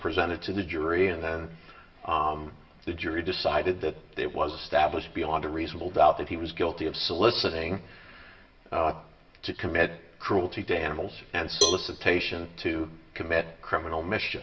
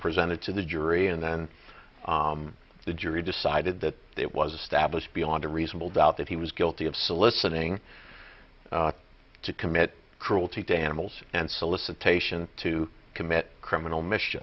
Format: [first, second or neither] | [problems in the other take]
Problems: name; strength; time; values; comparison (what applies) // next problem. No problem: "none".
second | background sound (Cowbell); 4 dB below the speech // room echo; dies away in 0.7 s